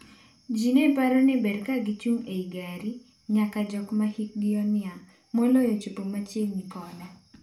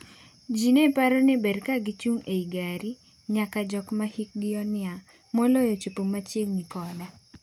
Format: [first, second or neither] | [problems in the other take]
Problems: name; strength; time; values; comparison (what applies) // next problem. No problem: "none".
second | room echo; dies away in 0.4 s